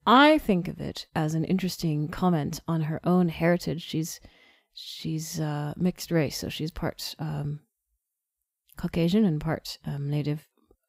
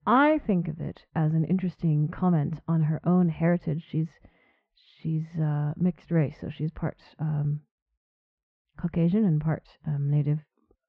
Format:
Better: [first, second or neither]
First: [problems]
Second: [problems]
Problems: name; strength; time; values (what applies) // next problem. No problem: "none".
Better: first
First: none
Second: muffled; very; fading above 2 kHz